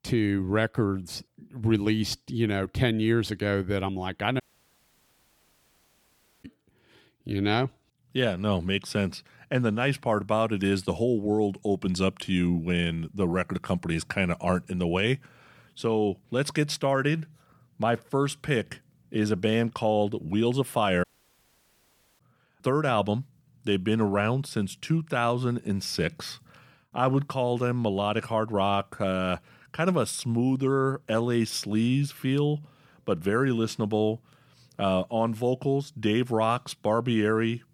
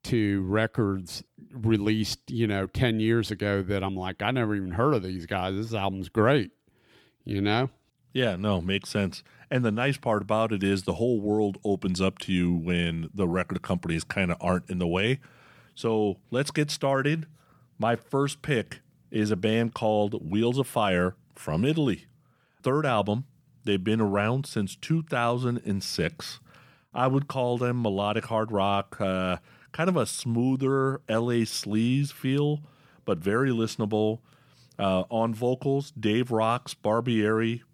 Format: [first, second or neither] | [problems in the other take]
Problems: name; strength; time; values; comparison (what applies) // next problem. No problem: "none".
second | audio cutting out; at 4.5 s for 2 s and at 21 s for 1 s